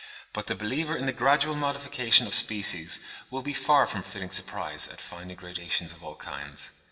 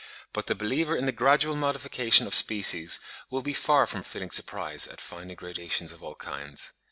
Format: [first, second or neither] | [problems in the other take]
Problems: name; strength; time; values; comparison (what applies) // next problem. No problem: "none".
second | room echo; dies away in 1.8 s